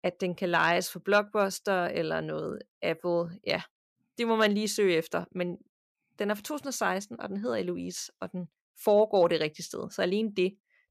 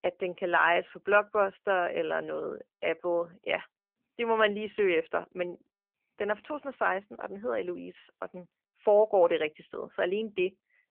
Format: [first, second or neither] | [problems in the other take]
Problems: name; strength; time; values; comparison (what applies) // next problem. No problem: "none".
first | phone-call audio; nothing above 3 kHz